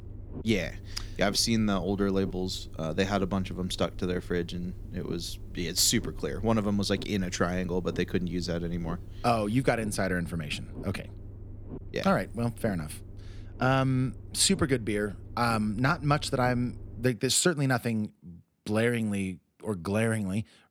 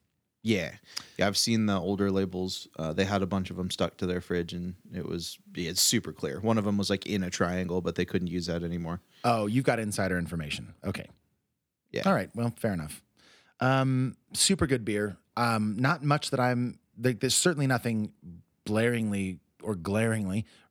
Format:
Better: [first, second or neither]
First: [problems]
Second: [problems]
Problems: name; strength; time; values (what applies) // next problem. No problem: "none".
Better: second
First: low rumble; faint; until 17 s; 20 dB below the speech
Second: none